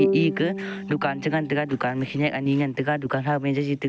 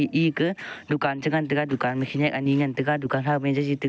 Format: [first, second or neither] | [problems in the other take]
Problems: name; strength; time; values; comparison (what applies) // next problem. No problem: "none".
second | background sound (Bowed string instrument); 7 dB below the speech